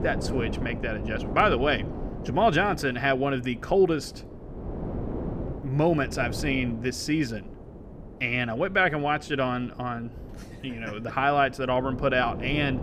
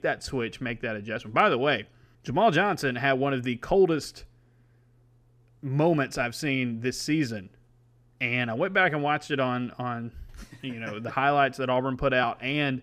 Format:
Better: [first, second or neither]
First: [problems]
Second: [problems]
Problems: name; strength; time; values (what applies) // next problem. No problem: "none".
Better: second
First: wind noise on the microphone; occasional gusts; 15 dB below the speech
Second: none